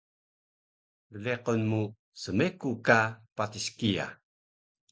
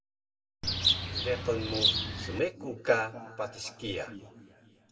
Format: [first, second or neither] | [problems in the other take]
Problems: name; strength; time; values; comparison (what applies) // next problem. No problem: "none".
first | background sound (Bird); 5 dB above the speech // room echo; dies away in 1.6 s